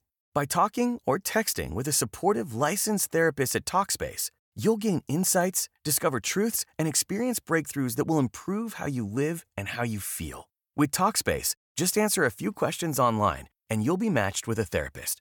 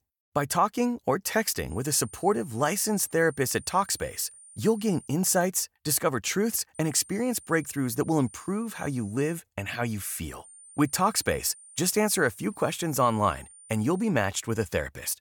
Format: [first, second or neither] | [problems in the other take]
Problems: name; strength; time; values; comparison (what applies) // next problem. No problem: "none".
first | high-pitched whine; faint; from 1.5 to 5 s, from 7 to 9.5 s and from 10 to 14 s; 9 kHz, 20 dB below the speech